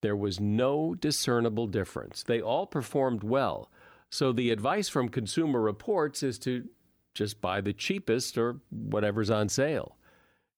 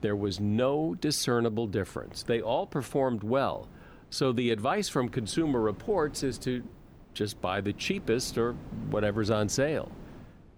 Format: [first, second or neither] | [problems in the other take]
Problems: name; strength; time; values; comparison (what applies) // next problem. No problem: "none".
first | wind noise on the microphone; occasional gusts; 25 dB below the speech